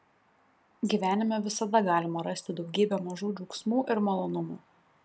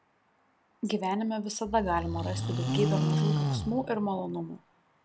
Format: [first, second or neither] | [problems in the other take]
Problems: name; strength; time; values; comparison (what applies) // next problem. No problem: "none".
first | background sound (Livestock, farm animals, working animals); 2 dB above the speech